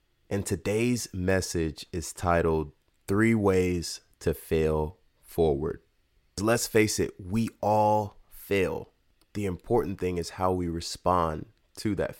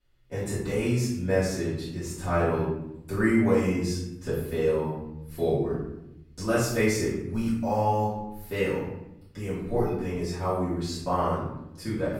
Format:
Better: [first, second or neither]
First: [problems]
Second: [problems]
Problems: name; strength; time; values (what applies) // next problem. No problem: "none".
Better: first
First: none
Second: room echo; noticeable; dies away in 0.8 s // off-mic speech; far